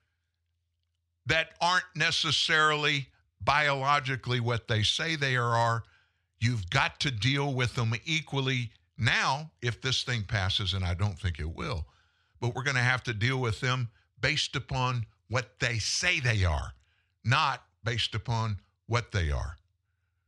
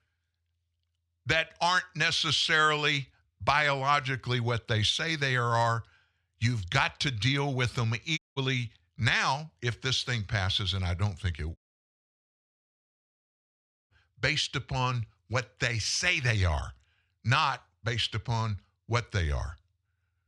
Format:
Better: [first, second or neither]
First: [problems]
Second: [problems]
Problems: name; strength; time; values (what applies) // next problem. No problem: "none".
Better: first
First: none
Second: audio cutting out; at 8 s and at 12 s for 2.5 s